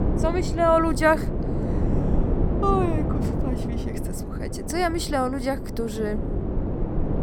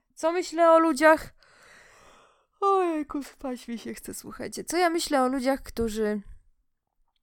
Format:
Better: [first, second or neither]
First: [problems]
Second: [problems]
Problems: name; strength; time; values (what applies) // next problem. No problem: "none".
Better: second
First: wind noise on the microphone; occasional gusts; 10 dB below the speech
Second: none